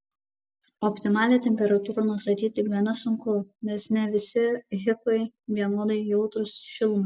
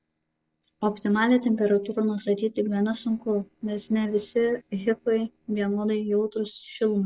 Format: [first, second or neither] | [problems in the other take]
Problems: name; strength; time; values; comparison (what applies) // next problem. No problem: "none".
first | noise reduction (neural separator model SepFormer DNS4)